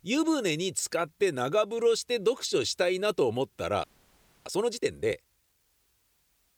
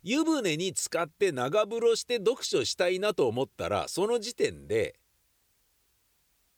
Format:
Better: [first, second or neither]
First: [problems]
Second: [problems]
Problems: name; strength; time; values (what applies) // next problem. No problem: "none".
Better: second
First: audio freezing; at 4 s for 0.5 s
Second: none